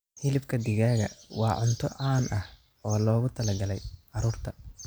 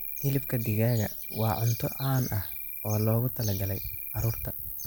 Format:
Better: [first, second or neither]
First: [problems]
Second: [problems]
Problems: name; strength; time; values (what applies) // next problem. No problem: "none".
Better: first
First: none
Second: background sound (Cricket); 7 dB below the speech